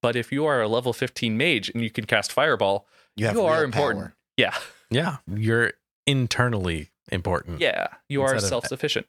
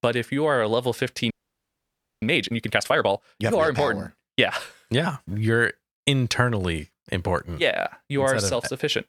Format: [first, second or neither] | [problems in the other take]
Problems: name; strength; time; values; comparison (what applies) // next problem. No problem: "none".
first | audio freezing; at 1.5 s for 1 s